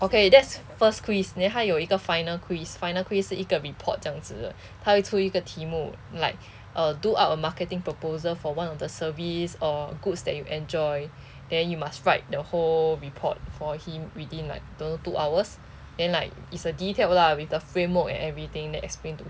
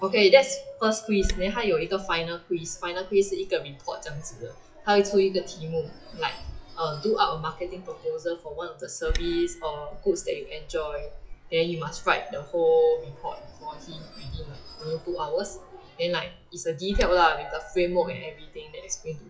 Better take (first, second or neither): first